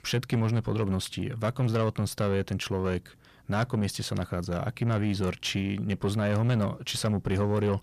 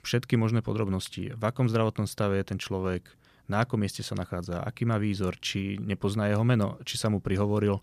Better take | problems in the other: second | distortion; slight; 10 dB below the speech

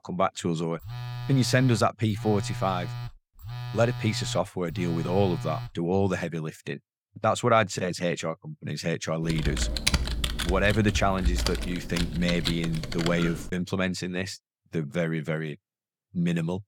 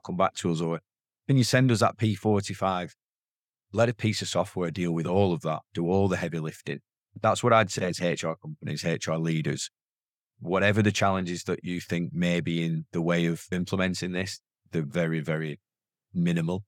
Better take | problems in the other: second | phone ringing; noticeable; from 1 to 5.5 s; peak 7 dB below the speech // keyboard typing; loud; from 9 to 13 s; peak 2 dB above the speech

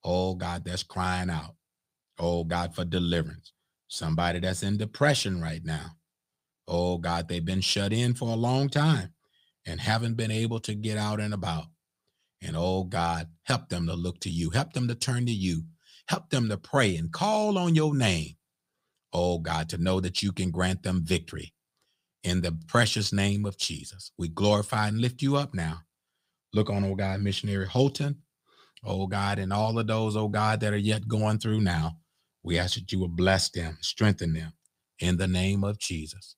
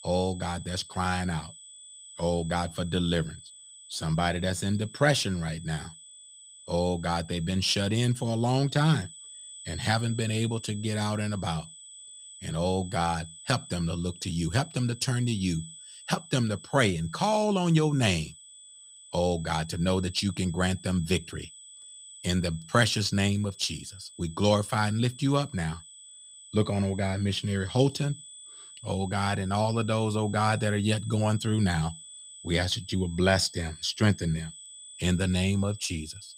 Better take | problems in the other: first | high-pitched whine; noticeable; throughout; 8 kHz, 15 dB below the speech

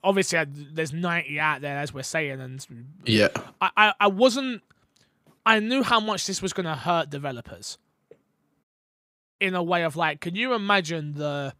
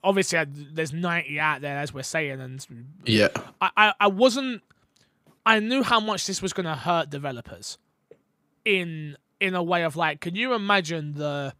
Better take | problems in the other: second | audio cutting out; at 8.5 s for 0.5 s

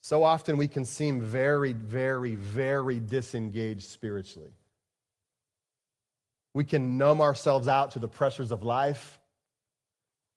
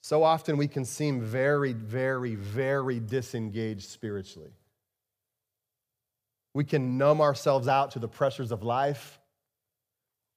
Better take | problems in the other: second | garbled, watery; slightly; nothing above 10.5 kHz

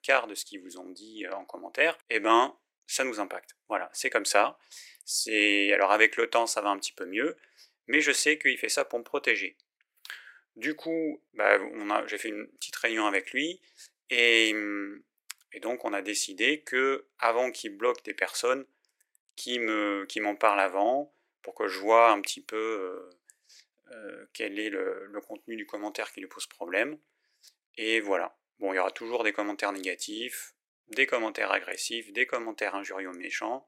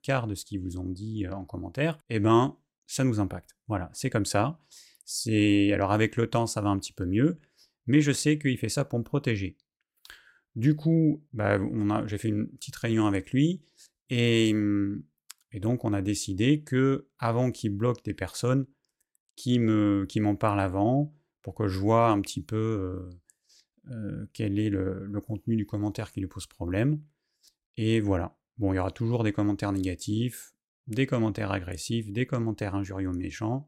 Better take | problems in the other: second | thin; very; fading below 400 Hz

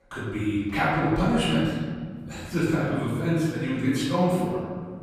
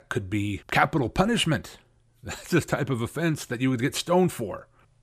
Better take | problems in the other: second | off-mic speech; far // room echo; strong; dies away in 1.7 s

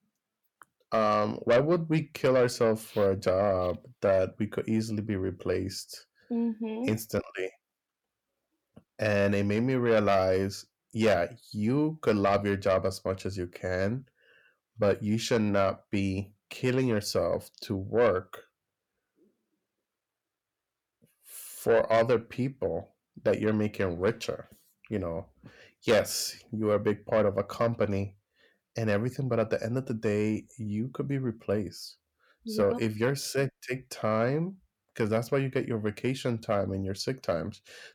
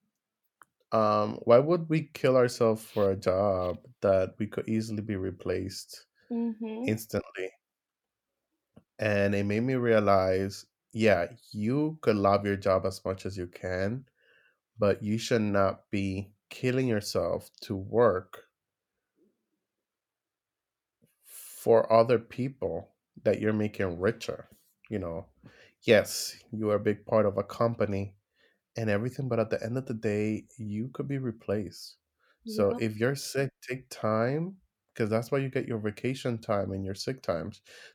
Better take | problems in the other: second | distortion; slight; 10 dB below the speech

